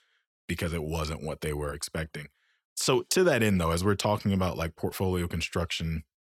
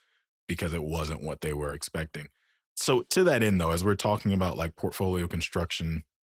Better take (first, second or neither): first